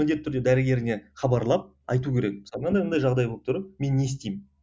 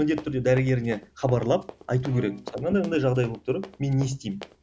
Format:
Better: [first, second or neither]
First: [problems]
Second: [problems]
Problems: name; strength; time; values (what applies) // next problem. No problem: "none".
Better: first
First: none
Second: background sound (Run + Bowed string instrument); 18 dB below the speech